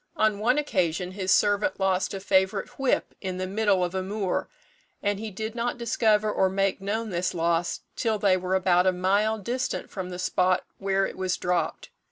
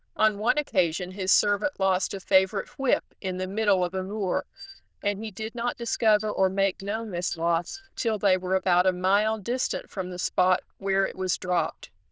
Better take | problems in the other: first | noise reduction (neural diffusion model UNIVERSE++)

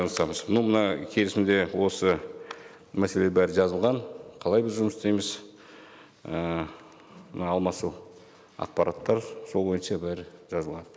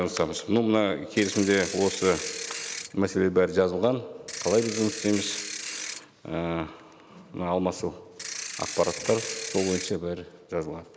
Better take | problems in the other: first | background sound (Ratchet, pawl / Percussion); 8 dB below the speech

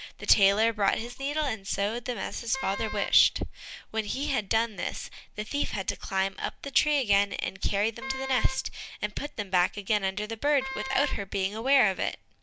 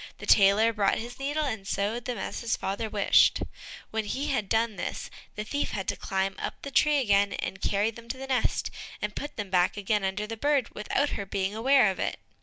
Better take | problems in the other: second | background sound (Wind instrument, woodwind instrument); 11 dB below the speech

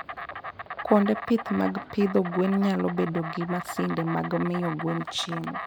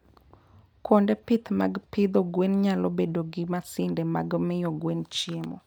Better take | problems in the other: second | background sound (Insect); 10 dB below the speech

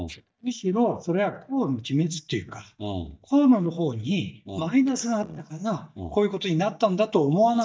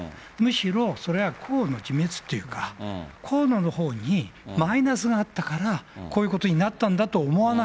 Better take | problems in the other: second | noise reduction (neural mask model DeepFilterNet 3)

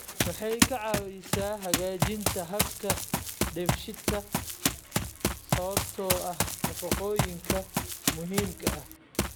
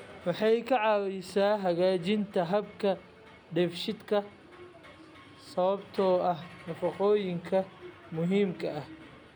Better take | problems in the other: second | background sound (Run); 5 dB above the speech

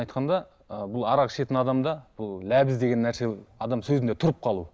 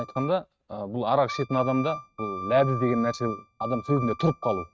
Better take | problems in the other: first | noise reduction (neural mask model RNNoise)

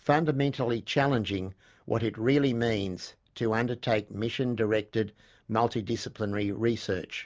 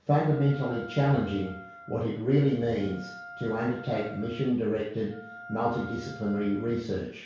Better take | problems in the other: first | background sound (Wind instrument, woodwind instrument); 17 dB below the speech // room echo; dies away in 0.6 s

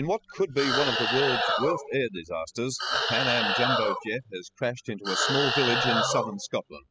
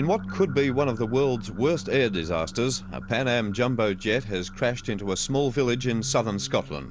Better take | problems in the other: second | noise reduction (classical method spectral subtraction)

